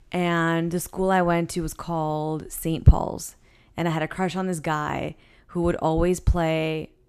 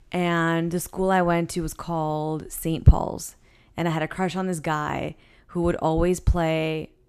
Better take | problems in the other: neither | none

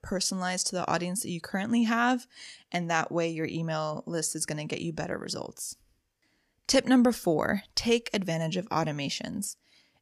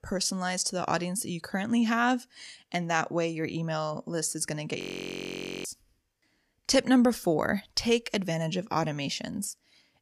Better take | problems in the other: first | audio freezing; at 5 s for 1 s

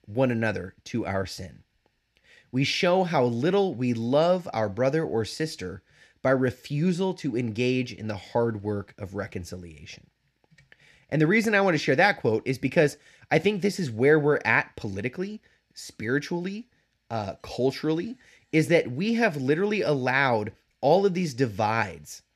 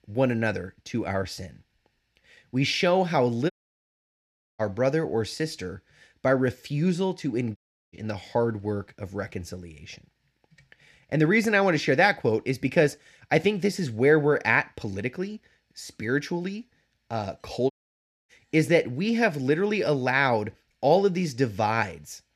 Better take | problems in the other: first | audio cutting out; at 3.5 s for 1 s, at 7.5 s and at 18 s for 0.5 s

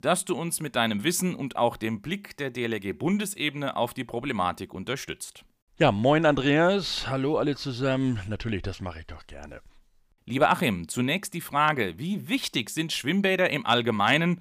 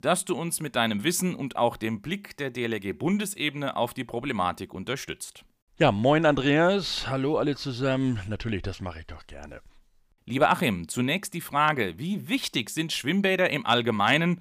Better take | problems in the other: neither | none

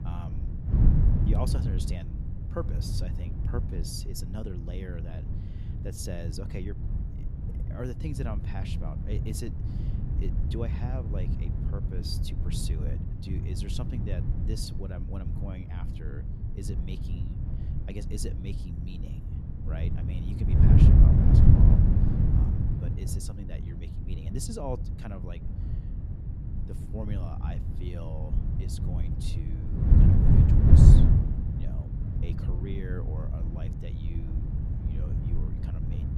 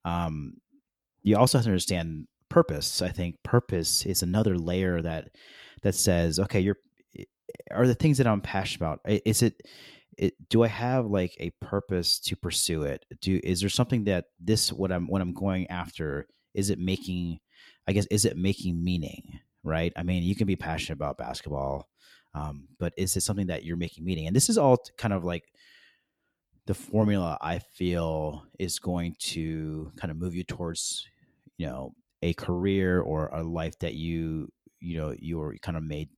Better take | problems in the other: second | wind noise on the microphone; heavy; 3 dB above the speech

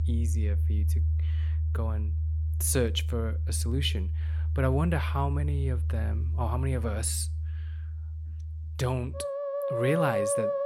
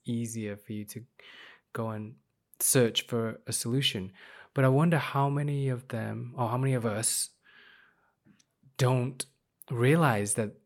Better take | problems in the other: second | background music; very loud; throughout; 2 dB above the speech

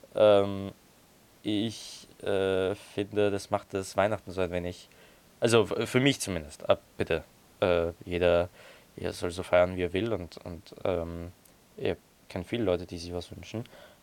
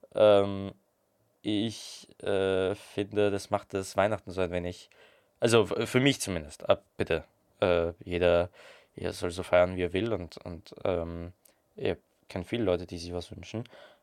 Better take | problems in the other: second | hiss; faint; throughout; 30 dB below the speech

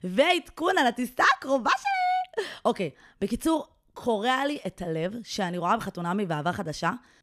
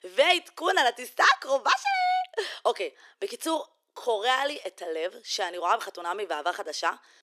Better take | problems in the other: first | thin; very; fading below 350 Hz

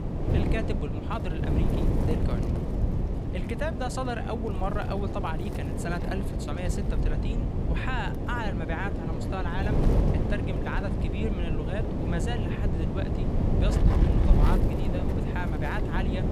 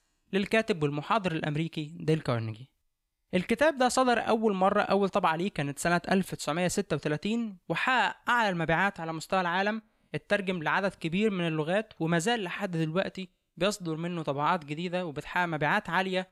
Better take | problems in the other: second | wind noise on the microphone; heavy; 1 dB below the speech

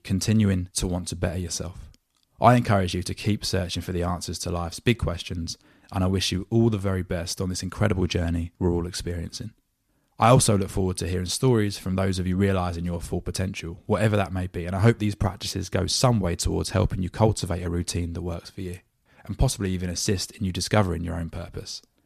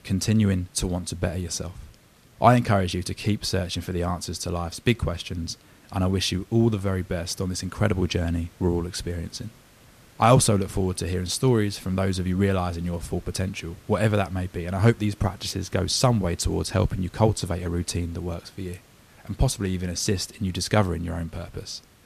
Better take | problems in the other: first | hiss; faint; throughout; 30 dB below the speech

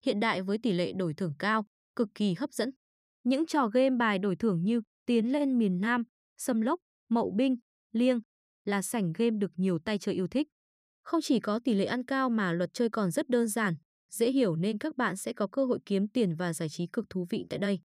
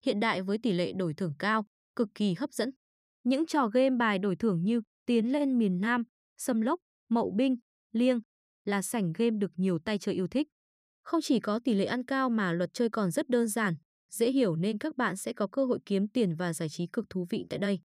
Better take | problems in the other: neither | none

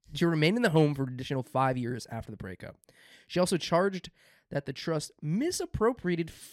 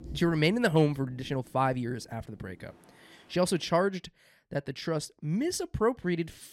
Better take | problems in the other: first | rain or running water; faint; until 3.5 s; 25 dB below the speech

